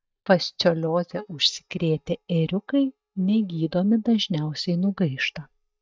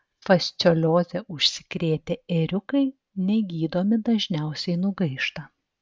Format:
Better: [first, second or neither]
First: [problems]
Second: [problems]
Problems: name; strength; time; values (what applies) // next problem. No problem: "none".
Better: second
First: noise reduction (neural mask model DeepFilterNet 3)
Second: none